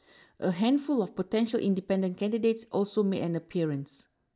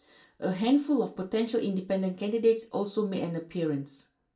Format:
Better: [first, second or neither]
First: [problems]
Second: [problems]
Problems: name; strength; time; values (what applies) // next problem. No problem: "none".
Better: first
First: none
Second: room echo; dies away in 0.3 s